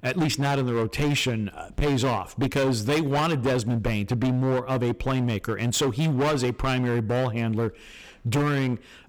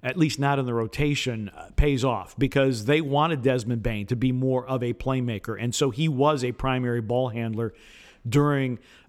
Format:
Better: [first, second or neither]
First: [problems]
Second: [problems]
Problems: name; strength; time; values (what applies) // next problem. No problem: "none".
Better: second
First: distortion; heavy; 20% of the sound clipped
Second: none